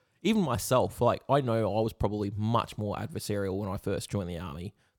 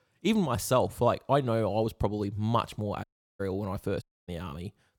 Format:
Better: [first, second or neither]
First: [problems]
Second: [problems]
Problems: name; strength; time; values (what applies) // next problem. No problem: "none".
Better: first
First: none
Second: audio cutting out; at 3 s and at 4 s